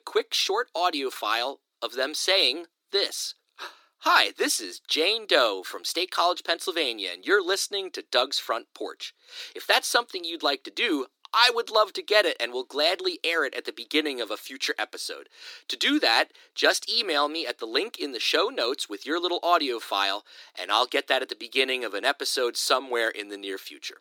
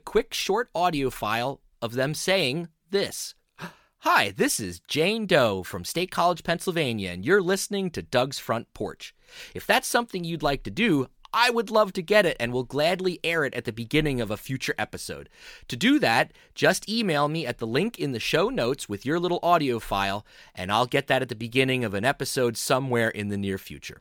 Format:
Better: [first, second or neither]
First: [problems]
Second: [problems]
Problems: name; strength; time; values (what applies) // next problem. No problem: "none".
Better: second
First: thin; somewhat; fading below 300 Hz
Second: none